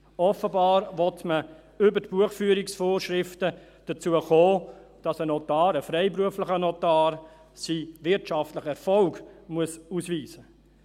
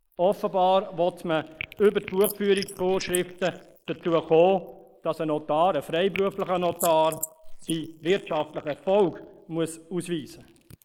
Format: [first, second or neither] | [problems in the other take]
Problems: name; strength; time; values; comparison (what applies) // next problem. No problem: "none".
first | noise reduction (neural mask model Resemble Enhance denoiser)